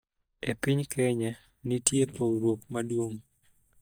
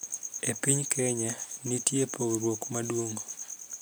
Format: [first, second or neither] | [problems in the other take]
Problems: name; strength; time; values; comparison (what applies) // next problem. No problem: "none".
second | noise reduction (neural mask model DeepFilterNet 3)